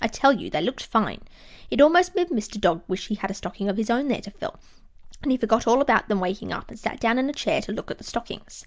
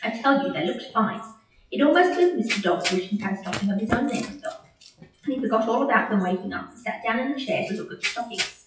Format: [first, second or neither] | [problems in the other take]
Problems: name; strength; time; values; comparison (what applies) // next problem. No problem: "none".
first | noise reduction (classical method WPE with log-MMSE)